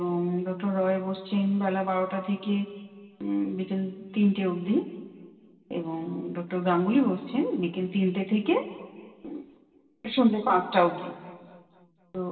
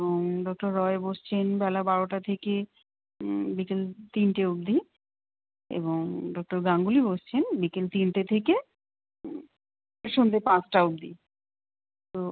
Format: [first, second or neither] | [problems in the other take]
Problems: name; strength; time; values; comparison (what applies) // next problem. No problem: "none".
second | room echo; dies away in 2.1 s